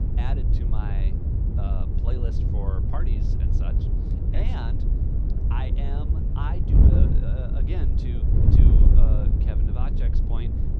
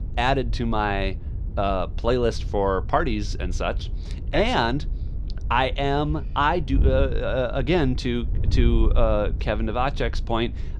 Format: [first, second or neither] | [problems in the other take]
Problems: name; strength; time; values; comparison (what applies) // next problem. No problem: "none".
second | wind noise on the microphone; heavy; 2 dB above the speech; occasional gusts in the second